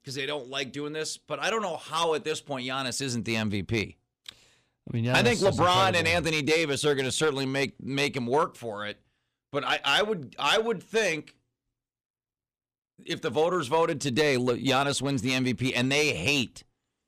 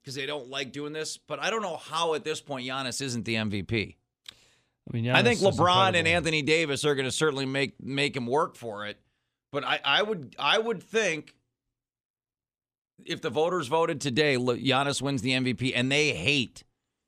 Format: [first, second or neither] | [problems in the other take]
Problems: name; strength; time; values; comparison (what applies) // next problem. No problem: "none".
second | distortion; slight; 2% of the sound clipped